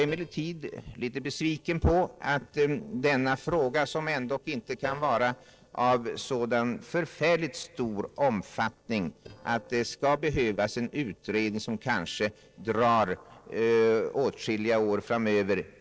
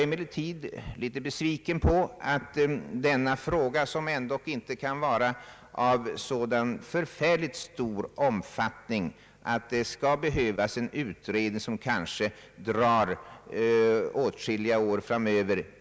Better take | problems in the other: second | noise reduction (neural separator model SepFormer DNS4)

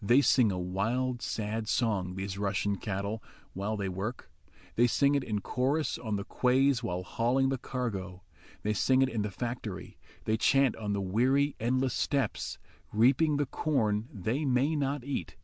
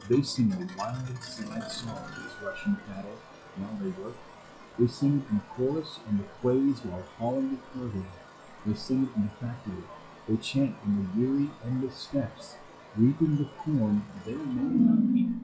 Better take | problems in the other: first | noise reduction (classical method WPE with log-MMSE)

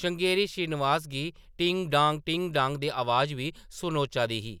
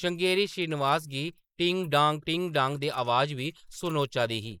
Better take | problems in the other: first | noise reduction (neural mask model Resemble Enhance denoiser)

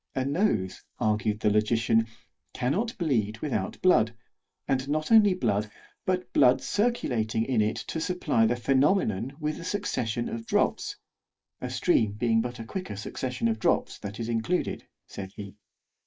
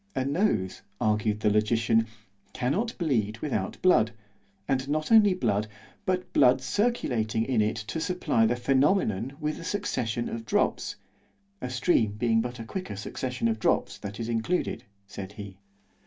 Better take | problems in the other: second | noise reduction (neural mask model Resemble Enhance denoiser)

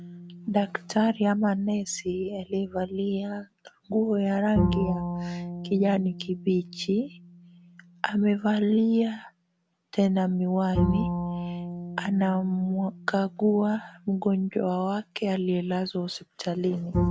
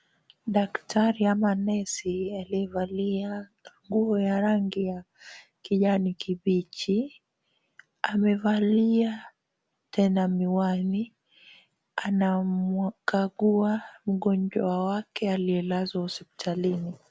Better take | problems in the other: second | background sound (Bowed string instrument); 8 dB below the speech

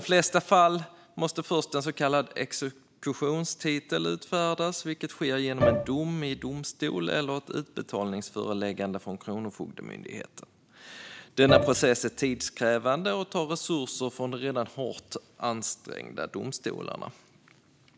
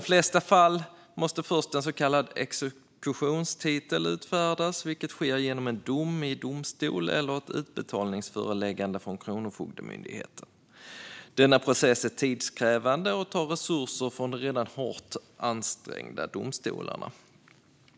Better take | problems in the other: second | background sound (Bowed string instrument); 1 dB above the speech

